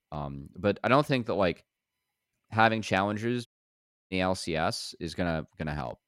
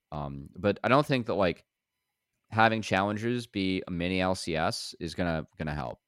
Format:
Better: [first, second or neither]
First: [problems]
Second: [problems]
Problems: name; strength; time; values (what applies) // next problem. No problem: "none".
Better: second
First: audio cutting out; at 3.5 s for 0.5 s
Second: none